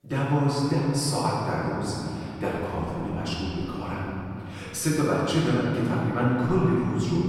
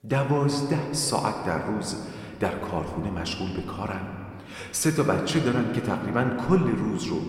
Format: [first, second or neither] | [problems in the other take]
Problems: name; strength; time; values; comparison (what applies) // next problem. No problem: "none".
second | room echo; strong; dies away in 2.9 s; slight in the second // off-mic speech; far